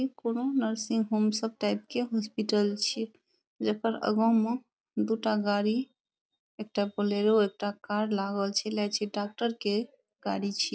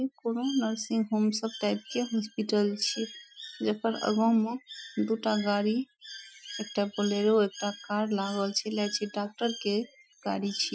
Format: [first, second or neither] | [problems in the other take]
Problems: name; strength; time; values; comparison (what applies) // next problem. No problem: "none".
first | noise reduction (classical method Wiener filter)